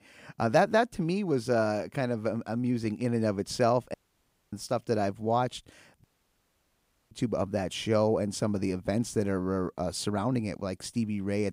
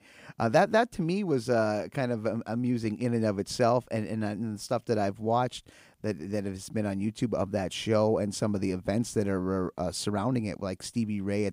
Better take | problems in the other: second | audio cutting out; at 4 s for 0.5 s and at 6 s for 1 s

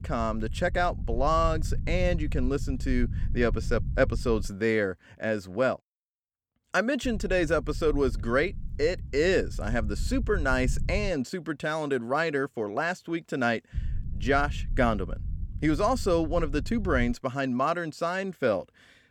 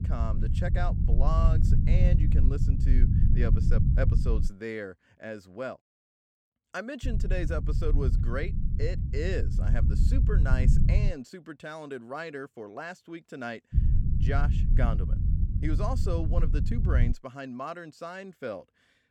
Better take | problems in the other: first | low rumble; loud; until 4.5 s, from 7 to 11 s and from 14 to 17 s; 5 dB below the speech; faint in the first

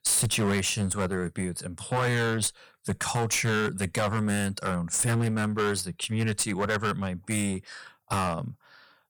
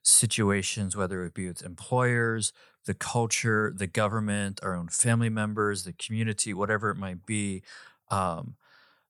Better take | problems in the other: second | distortion; heavy; 13% of the sound clipped

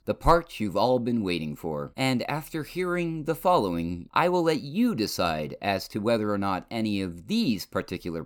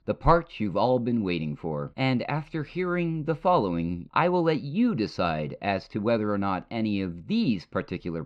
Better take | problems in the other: first | muffled; very slightly; fading above 3.5 kHz

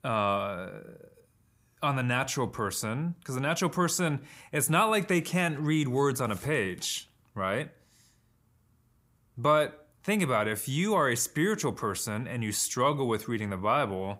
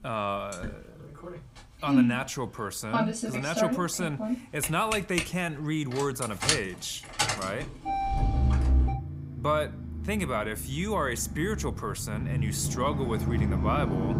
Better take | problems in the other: first | traffic noise; very loud; throughout; 1 dB above the speech

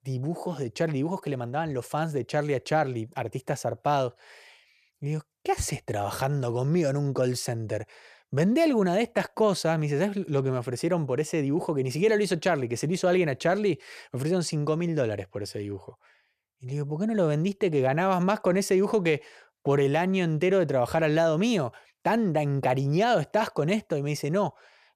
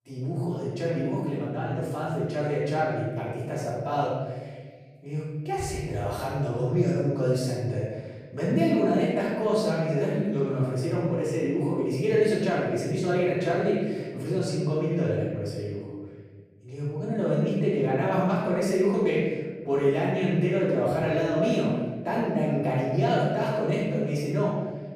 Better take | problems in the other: first | off-mic speech; far // room echo; strong; dies away in 1.6 s

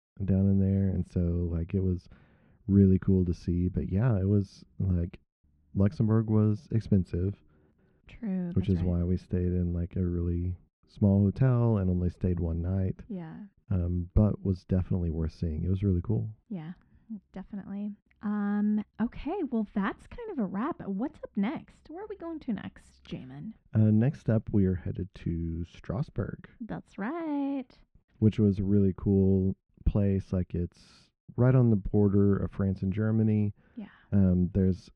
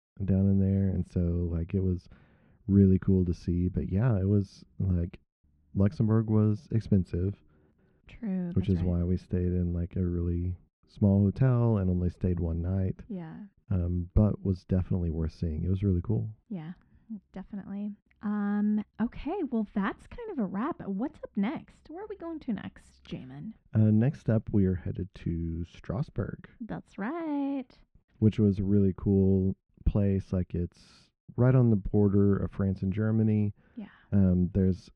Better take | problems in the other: neither | muffled; very; fading above 2 kHz; the same in both

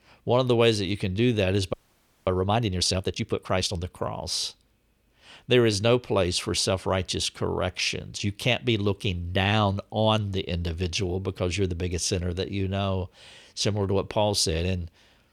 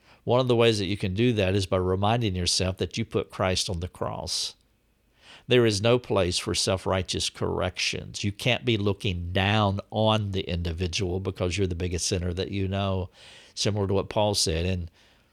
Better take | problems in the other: second | audio freezing; at 1.5 s for 0.5 s

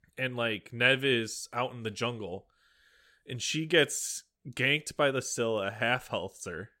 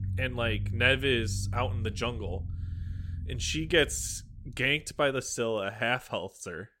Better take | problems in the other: first | low rumble; faint; throughout; 25 dB below the speech

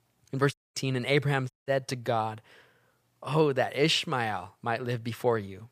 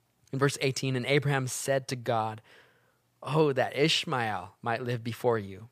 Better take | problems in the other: second | audio cutting out; at 0.5 s and at 1.5 s

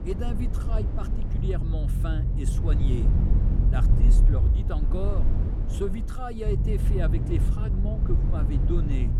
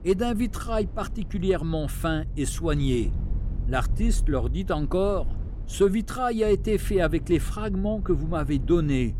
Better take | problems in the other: second | low rumble; loud; throughout; 3 dB below the speech; faint in the second

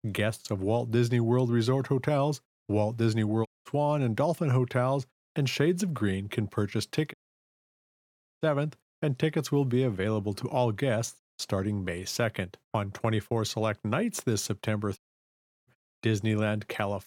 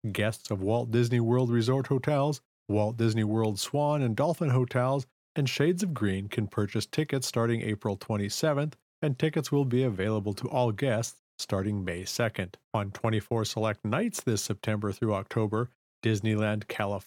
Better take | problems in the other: second | audio cutting out; at 3.5 s, at 7 s for 1.5 s and at 15 s for 0.5 s

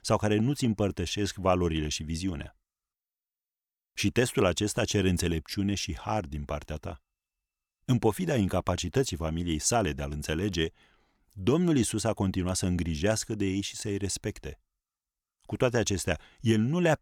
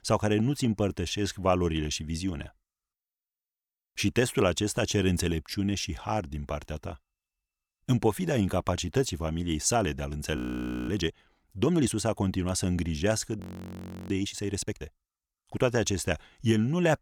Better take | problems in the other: first | audio freezing; at 10 s for 0.5 s and at 13 s for 0.5 s

